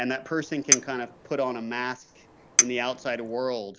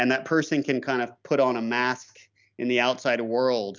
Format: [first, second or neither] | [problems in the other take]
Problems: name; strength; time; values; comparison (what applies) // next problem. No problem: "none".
second | background sound (Chink, clink); as loud as the speech